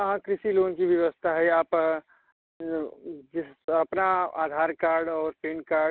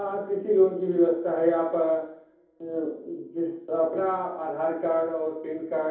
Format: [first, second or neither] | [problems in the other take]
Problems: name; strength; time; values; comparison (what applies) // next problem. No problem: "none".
first | room echo; dies away in 0.7 s